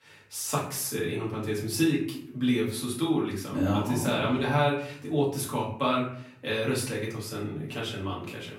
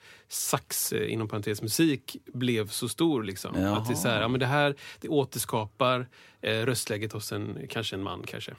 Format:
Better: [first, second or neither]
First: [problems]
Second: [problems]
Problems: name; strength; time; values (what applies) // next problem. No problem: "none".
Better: second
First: off-mic speech; far // room echo; slight; dies away in 0.5 s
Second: none